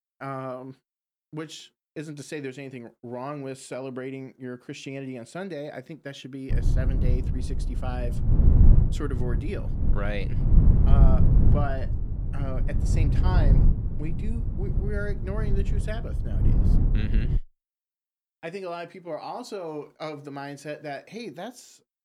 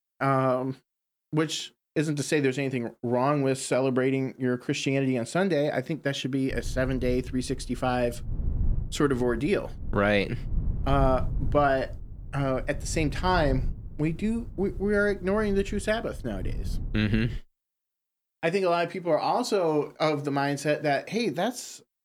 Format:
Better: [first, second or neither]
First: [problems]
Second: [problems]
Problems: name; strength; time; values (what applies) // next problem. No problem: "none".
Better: second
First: low rumble; loud; from 6.5 to 17 s; 2 dB below the speech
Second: low rumble; faint; from 6.5 to 17 s; 25 dB below the speech